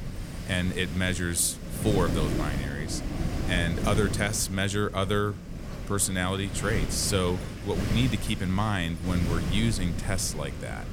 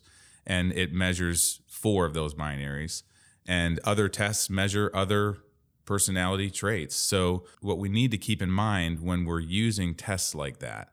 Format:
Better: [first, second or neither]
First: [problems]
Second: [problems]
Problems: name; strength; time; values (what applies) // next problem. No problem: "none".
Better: second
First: wind noise on the microphone; heavy; 9 dB below the speech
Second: none